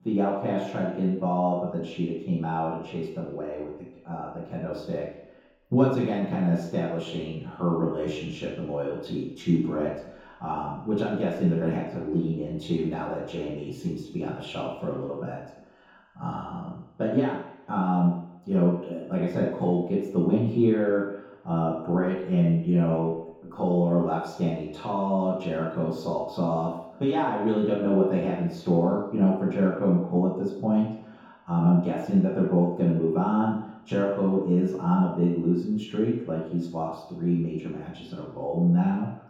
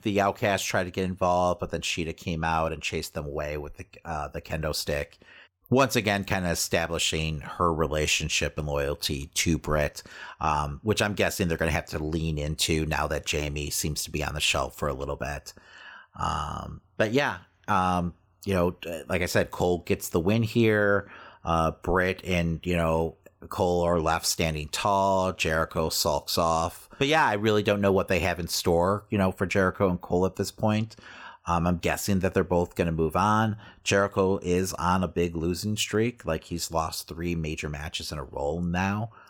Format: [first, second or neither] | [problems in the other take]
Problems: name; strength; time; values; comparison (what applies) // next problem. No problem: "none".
second | room echo; strong; dies away in 0.8 s // off-mic speech; far